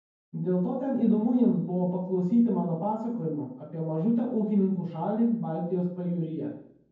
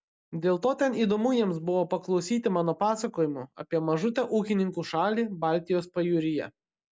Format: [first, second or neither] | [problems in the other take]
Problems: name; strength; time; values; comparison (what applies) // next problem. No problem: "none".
second | room echo; dies away in 0.9 s